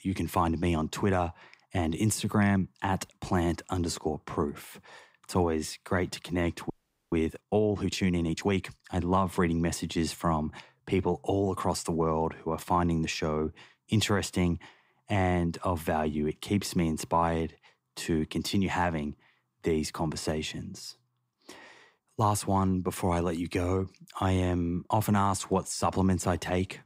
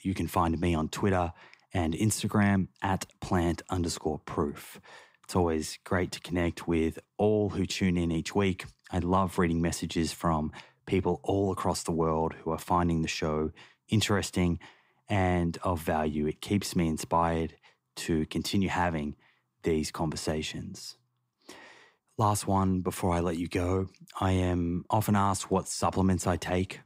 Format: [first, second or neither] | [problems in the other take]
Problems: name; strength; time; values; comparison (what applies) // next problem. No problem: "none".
second | audio freezing; at 6.5 s